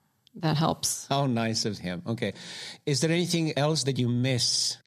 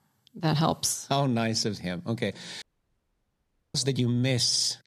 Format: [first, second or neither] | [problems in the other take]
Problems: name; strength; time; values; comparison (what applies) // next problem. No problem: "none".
first | audio cutting out; at 2.5 s for 1 s